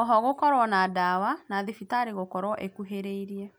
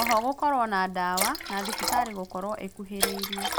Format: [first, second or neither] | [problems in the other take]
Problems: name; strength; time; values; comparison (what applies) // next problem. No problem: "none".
first | background sound (Liquid); 2 dB below the speech